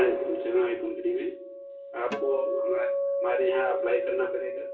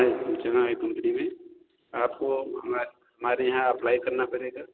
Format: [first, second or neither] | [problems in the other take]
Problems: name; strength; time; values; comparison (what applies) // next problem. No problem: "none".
second | background sound (Acoustic guitar); 2 dB below the speech // room echo; dies away in 0.3 s